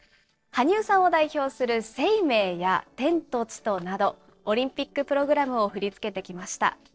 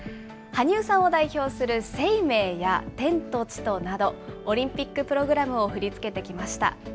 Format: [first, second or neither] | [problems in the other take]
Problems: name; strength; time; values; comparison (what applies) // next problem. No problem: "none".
second | noise reduction (neural separator model SepFormer DNS4)